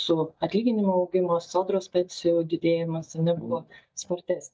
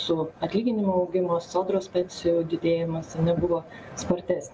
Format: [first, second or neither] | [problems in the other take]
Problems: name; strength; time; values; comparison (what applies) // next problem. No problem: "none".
second | noise reduction (neural mask model DeepFilterNet 3)